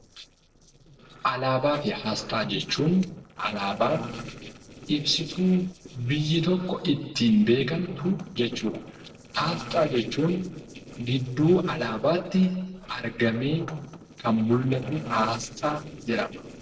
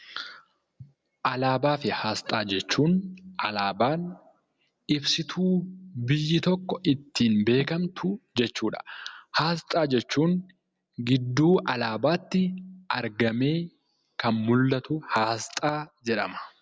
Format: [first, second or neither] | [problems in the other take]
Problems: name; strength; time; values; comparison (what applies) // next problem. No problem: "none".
second | noise reduction (neural separator model SepFormer DNS4)